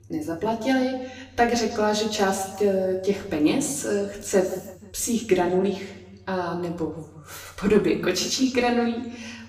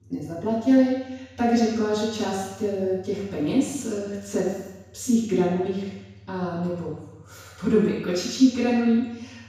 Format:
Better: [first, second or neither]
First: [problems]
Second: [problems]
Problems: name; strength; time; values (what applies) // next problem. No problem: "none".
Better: first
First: room echo; slight; dies away in 0.9 s // off-mic speech; far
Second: room echo; strong; dies away in 1.1 s // off-mic speech; far